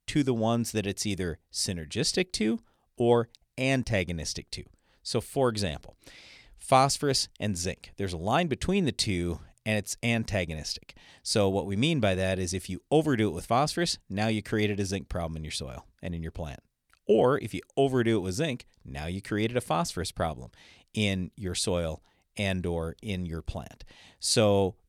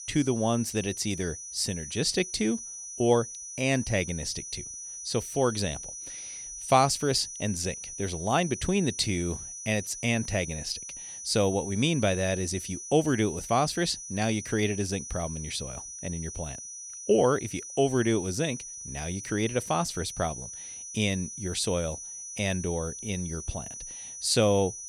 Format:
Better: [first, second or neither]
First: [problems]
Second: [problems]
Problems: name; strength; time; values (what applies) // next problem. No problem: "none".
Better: first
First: none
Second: high-pitched whine; loud; throughout; 6 kHz, 9 dB below the speech